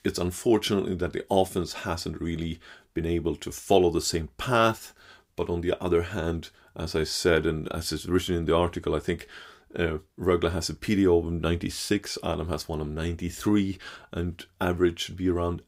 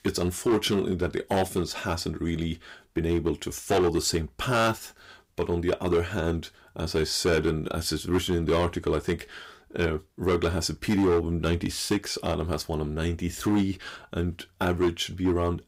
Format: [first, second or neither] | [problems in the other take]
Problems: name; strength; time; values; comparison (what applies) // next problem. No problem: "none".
first | distortion; slight; 6% of the sound clipped